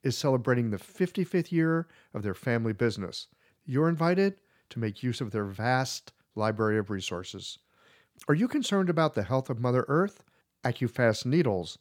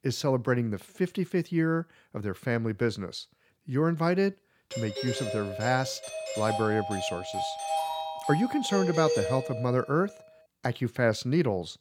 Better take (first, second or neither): first